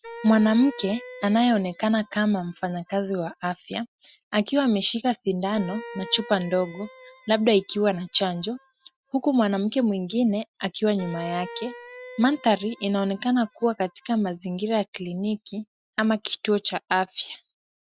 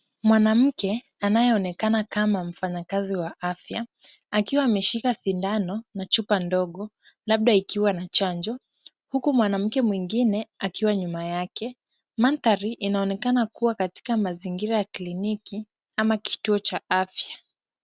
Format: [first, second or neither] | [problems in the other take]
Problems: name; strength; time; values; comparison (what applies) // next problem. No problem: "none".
second | noise reduction (classical method Wiener filter)